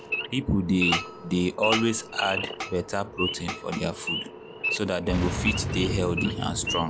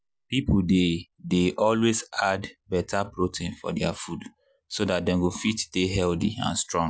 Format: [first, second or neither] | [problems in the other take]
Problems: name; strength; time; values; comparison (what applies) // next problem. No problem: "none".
second | background sound (Boom + Idling / Wild animals); 3 dB below the speech